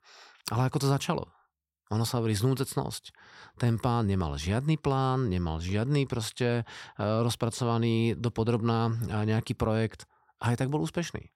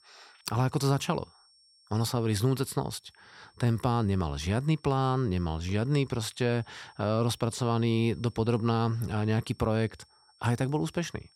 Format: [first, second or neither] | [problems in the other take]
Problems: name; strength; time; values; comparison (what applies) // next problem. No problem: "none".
first | high-pitched whine; faint; throughout; 5.5 kHz, 30 dB below the speech